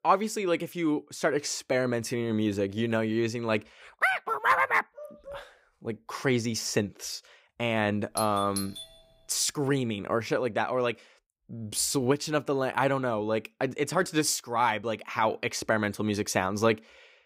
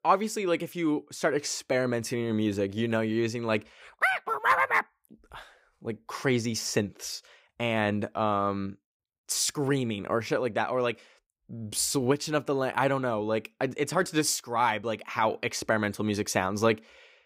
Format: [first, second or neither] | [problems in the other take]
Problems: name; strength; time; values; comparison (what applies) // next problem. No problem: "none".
second | dog barking; faint; at 5 s; peak 15 dB below the speech // doorbell; noticeable; at 8 s; peak 8 dB below the speech